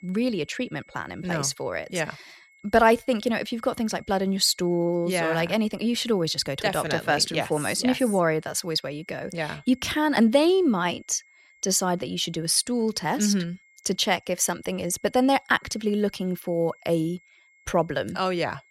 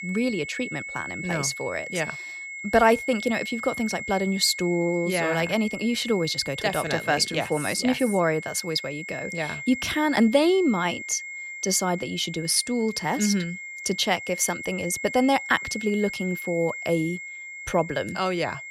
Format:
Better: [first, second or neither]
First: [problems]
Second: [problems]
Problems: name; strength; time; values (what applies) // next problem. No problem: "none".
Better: first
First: high-pitched whine; faint; throughout; 2 kHz, 30 dB below the speech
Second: high-pitched whine; loud; throughout; 2 kHz, 9 dB below the speech